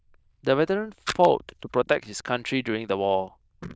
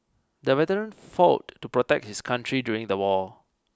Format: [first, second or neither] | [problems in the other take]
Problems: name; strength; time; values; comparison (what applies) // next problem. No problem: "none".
second | noise reduction (neural diffusion model UNIVERSE++)